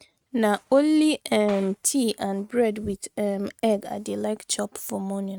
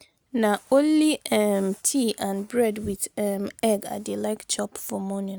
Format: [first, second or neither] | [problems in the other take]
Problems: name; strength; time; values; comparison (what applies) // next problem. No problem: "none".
second | noise reduction (neural mask model RNNoise)